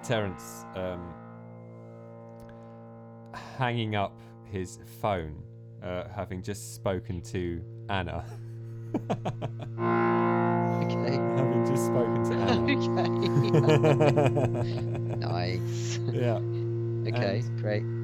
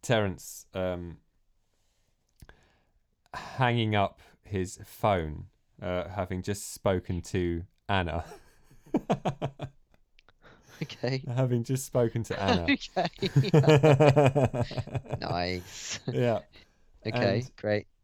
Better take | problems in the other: second | background music; very loud; throughout; 2 dB above the speech

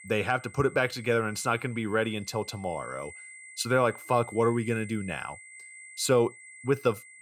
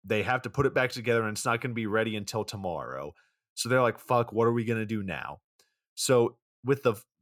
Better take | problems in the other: second | high-pitched whine; noticeable; throughout; 2 kHz, 20 dB below the speech

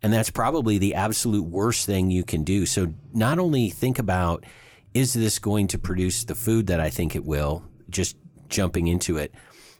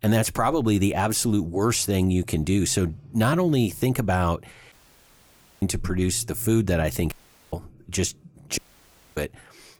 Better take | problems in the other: first | audio cutting out; at 4.5 s for 1 s, at 7 s and at 8.5 s for 0.5 s

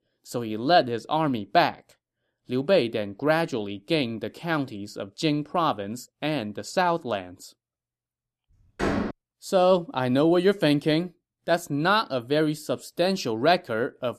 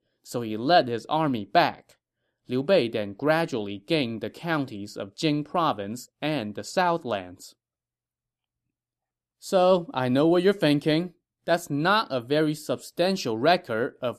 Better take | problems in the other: second | door banging; noticeable; at 9 s; peak 2 dB below the speech

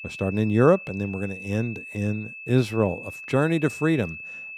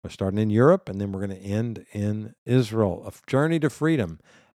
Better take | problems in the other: second | high-pitched whine; noticeable; throughout; 2.5 kHz, 10 dB below the speech

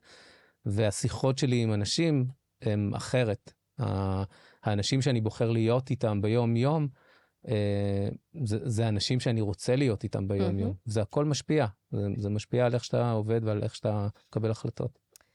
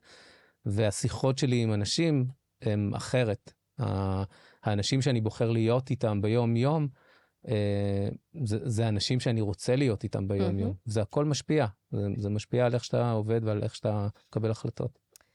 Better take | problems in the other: neither | none

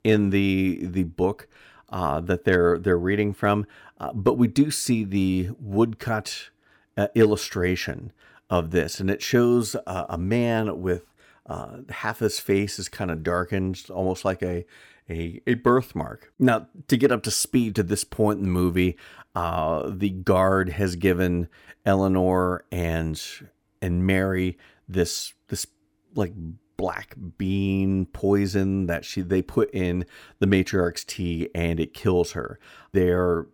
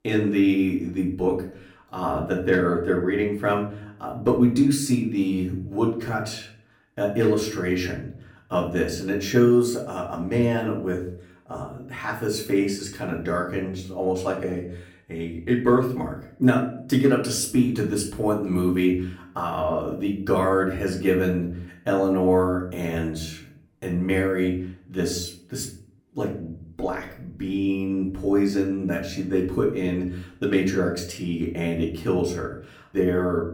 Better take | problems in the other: first | room echo; slight; dies away in 0.4 s // off-mic speech; far

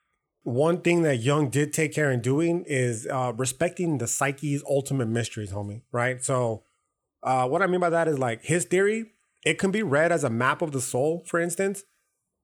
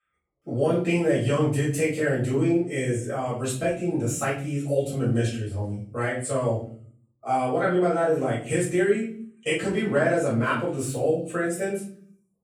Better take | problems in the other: first | off-mic speech; far // room echo; noticeable; dies away in 0.5 s

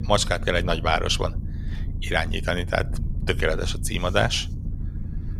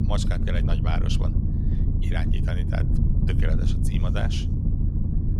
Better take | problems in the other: first | low rumble; loud; throughout; 2 dB below the speech; faint in the first

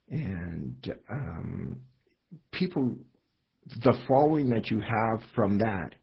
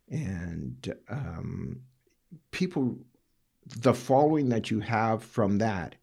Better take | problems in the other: second | garbled, watery; badly

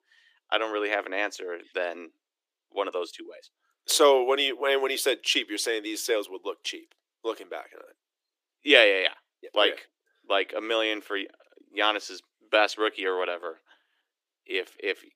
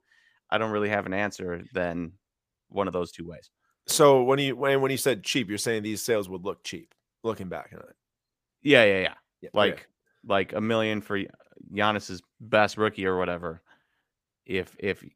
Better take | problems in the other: second | thin; somewhat; fading below 300 Hz

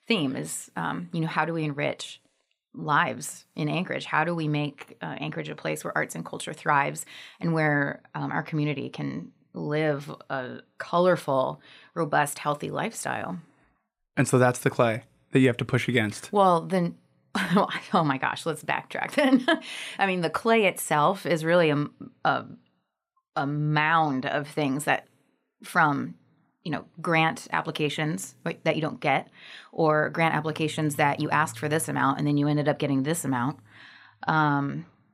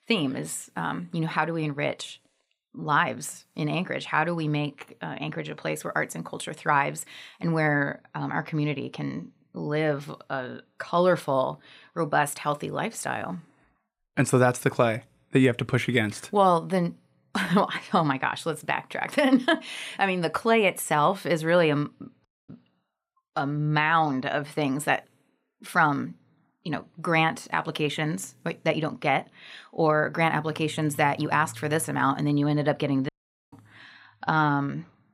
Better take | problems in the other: first | audio cutting out; at 22 s and at 33 s

